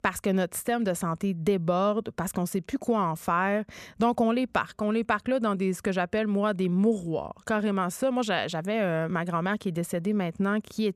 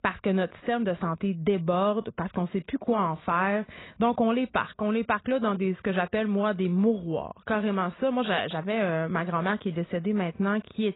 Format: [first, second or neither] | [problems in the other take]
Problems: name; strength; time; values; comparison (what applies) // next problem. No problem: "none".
first | garbled, watery; badly; nothing above 4 kHz